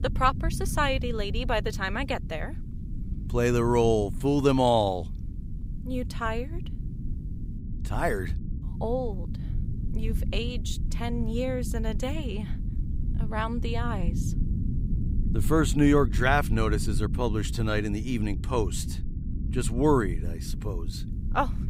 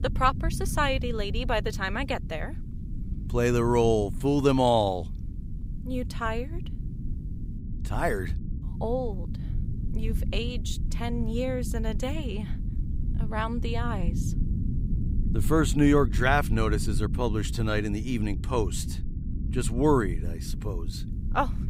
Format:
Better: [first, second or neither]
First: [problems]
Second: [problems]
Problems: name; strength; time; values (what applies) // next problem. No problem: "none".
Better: neither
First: low rumble; noticeable; throughout; 15 dB below the speech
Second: low rumble; noticeable; throughout; 15 dB below the speech